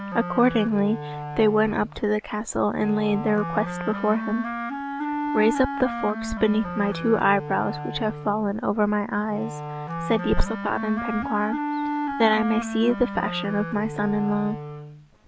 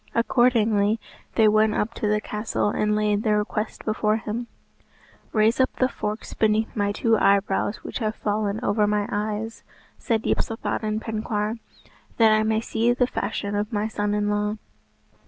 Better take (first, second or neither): second